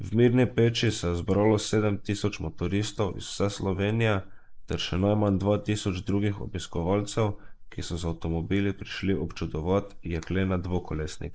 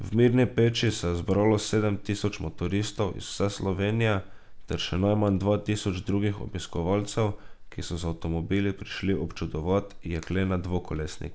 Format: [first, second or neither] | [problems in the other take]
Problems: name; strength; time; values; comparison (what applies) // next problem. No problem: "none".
second | noise reduction (neural mask model Resemble Enhance denoiser)